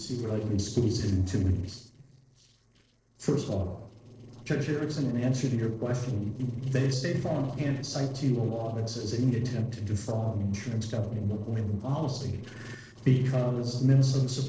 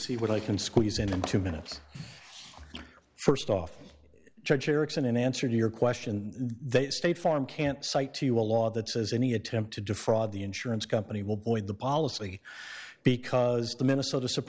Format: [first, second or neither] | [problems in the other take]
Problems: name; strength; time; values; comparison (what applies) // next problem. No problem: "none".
second | noise reduction (neural separator model SepFormer DNS4)